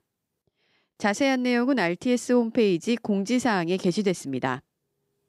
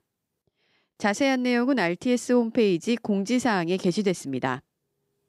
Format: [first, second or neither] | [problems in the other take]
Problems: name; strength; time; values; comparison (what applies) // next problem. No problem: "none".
neither | none